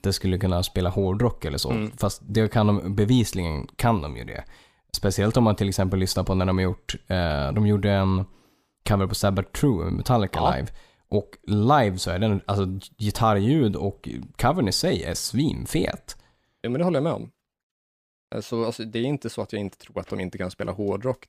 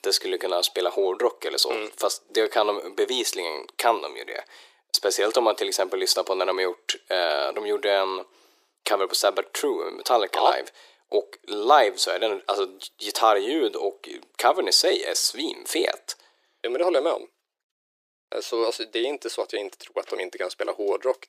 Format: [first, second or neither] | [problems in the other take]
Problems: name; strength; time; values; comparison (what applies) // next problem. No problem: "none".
first | thin; very; fading below 350 Hz